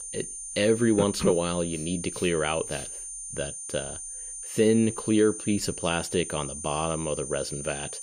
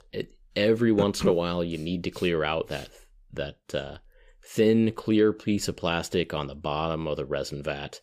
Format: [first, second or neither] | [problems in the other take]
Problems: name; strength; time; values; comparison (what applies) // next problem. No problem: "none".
second | high-pitched whine; loud; throughout; 9 kHz, 8 dB below the speech